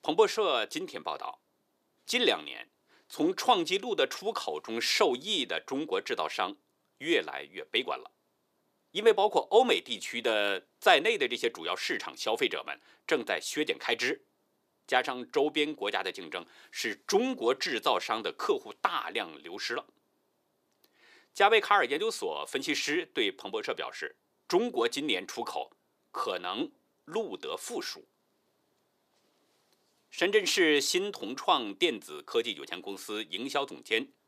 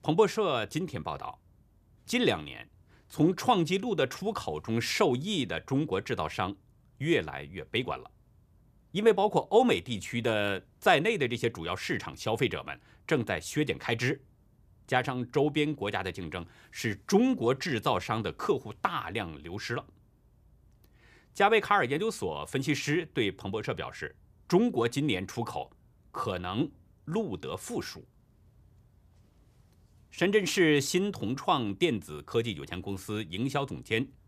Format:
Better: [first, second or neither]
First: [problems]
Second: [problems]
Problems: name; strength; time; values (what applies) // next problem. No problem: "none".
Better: second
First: thin; somewhat; fading below 350 Hz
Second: none